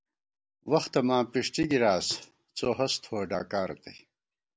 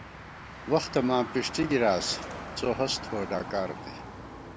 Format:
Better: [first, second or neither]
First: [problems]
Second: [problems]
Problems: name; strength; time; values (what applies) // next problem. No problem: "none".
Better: first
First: none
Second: background sound (Motor vehicle (road)); 10 dB below the speech